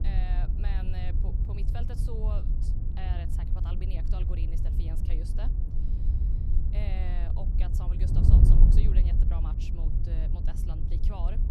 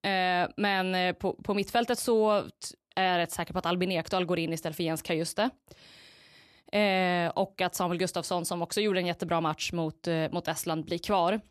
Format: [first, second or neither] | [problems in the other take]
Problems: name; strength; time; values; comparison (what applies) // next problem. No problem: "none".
second | wind noise on the microphone; heavy; 1 dB above the speech